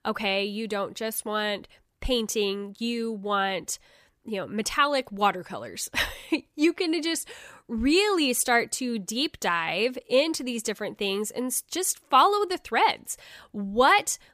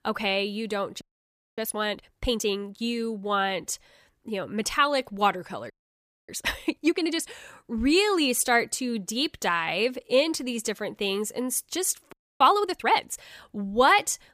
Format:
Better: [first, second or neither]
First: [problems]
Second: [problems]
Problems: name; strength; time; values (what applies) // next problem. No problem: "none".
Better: first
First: none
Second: audio freezing; at 1 s for 0.5 s, at 5.5 s for 0.5 s and at 12 s